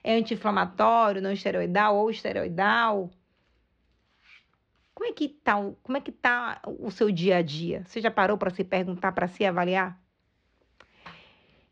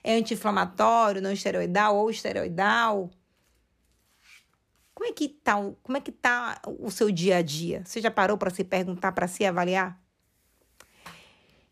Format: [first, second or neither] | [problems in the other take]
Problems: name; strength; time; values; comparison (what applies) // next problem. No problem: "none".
second | muffled; very slightly; fading above 4 kHz